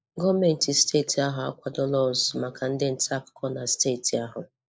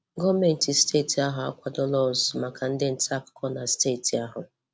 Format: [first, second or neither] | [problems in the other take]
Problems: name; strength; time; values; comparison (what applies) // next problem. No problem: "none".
second | noise reduction (neural mask model Resemble Enhance denoiser)